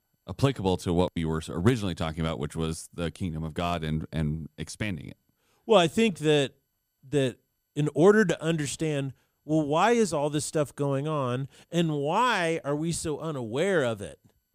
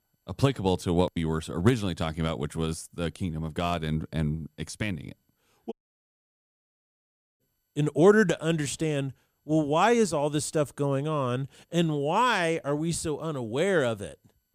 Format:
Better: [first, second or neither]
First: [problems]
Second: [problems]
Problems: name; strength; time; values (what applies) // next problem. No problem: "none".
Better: first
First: none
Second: audio cutting out; at 5.5 s for 1.5 s